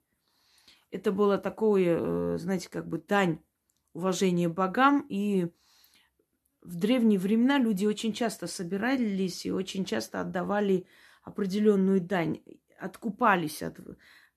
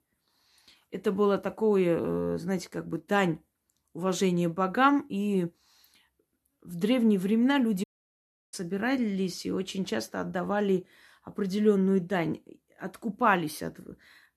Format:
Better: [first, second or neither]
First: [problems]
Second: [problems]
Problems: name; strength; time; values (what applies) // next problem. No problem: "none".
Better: first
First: none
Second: audio cutting out; at 8 s for 0.5 s